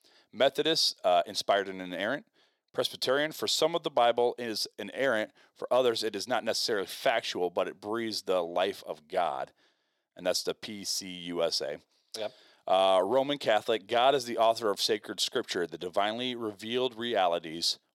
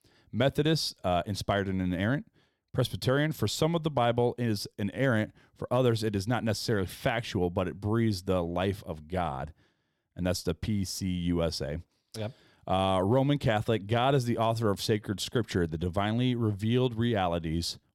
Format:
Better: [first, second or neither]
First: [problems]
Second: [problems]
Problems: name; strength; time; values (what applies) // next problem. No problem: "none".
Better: second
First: thin; very; fading below 450 Hz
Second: none